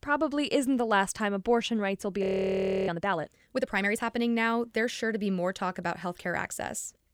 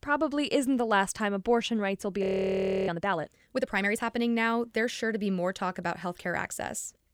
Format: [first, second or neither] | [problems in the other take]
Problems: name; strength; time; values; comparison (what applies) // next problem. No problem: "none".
neither | audio freezing; at 2 s for 0.5 s; the same in both